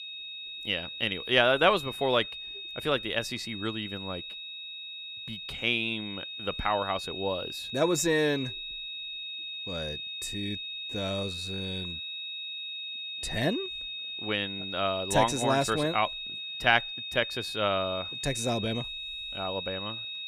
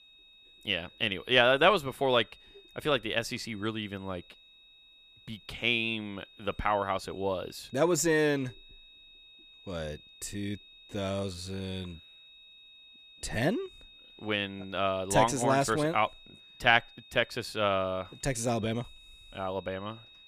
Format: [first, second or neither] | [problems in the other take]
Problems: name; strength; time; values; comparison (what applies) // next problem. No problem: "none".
second | high-pitched whine; loud; throughout; 4 kHz, 6 dB below the speech; faint in the second